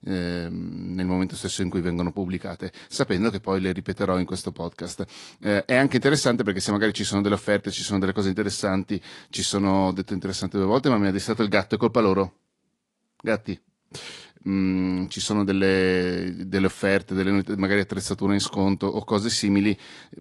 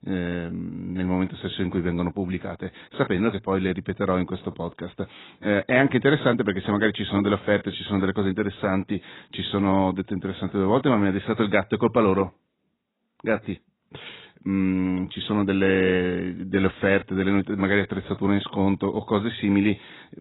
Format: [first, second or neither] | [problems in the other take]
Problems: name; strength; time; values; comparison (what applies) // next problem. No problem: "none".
first | garbled, watery; badly; nothing above 4 kHz; slightly in the first